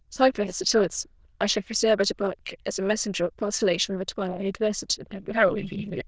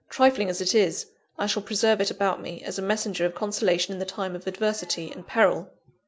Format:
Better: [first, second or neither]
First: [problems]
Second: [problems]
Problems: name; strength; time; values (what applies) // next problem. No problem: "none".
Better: second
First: noise reduction (neural diffusion model UNIVERSE++)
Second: none